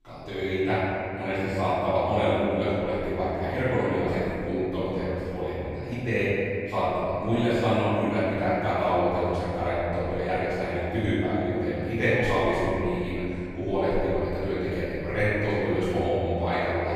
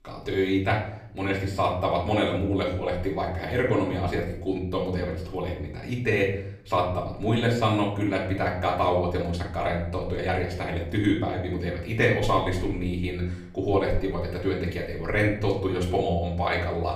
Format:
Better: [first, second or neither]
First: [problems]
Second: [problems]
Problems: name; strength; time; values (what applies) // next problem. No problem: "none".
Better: second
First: room echo; strong; dies away in 2.6 s // off-mic speech; far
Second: room echo; slight; dies away in 0.6 s // off-mic speech; far